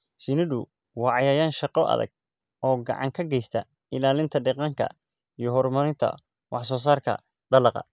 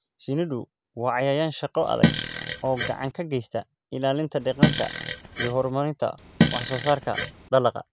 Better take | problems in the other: first | background sound (Fart); 1 dB above the speech

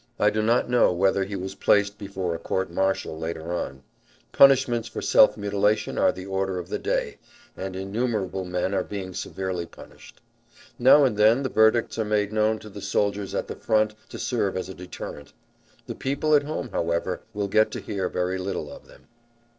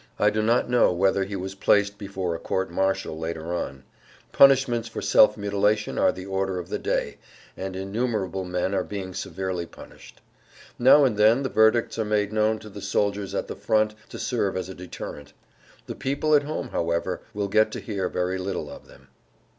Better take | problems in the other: second | noise reduction (neural separator model SepFormer DNS4)

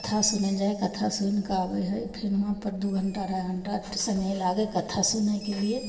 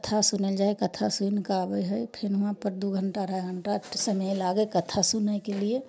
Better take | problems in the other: second | background sound (Bird); 20 dB below the speech // room echo; dies away in 2.4 s

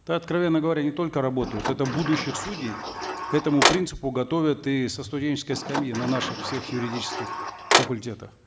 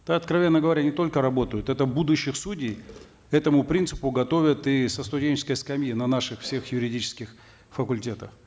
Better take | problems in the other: second | background sound (Sliding door); 1 dB below the speech

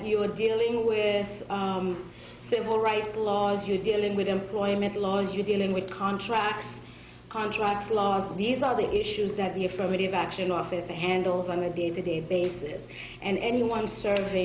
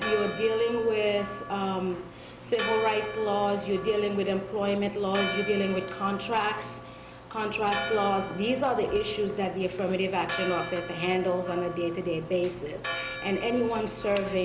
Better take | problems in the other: first | background sound (Church bell); 10 dB below the speech

